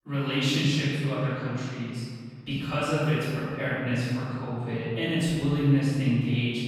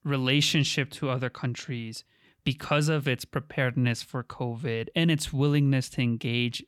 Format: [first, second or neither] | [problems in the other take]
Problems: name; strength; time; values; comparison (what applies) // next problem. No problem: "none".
second | off-mic speech; far // room echo; strong; dies away in 1.8 s